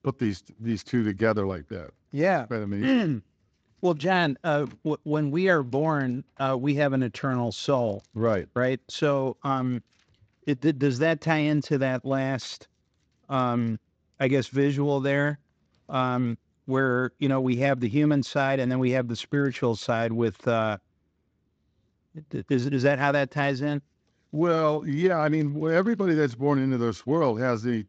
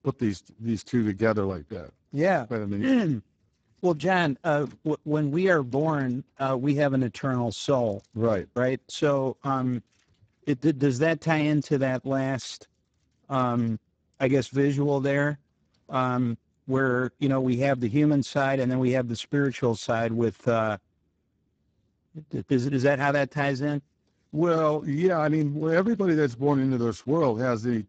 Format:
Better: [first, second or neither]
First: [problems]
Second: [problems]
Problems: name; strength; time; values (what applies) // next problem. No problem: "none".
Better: first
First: garbled, watery; slightly; nothing above 7.5 kHz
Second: garbled, watery; badly; nothing above 7.5 kHz